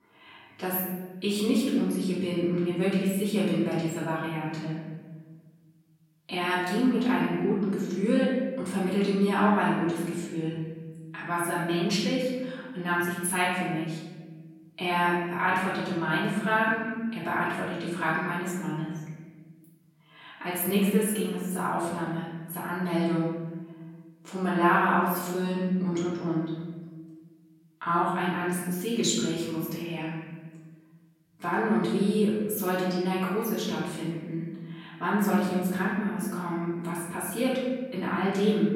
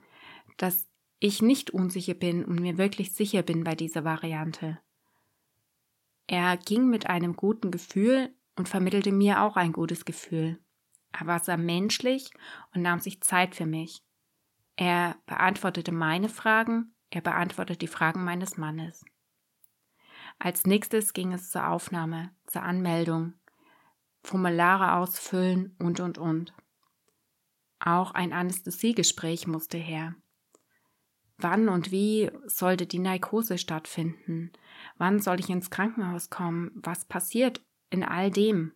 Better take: second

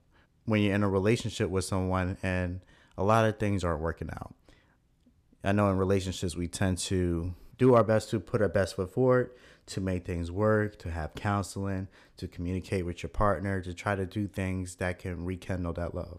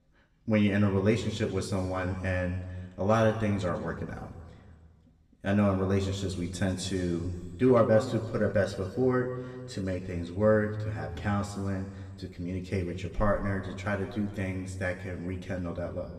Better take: first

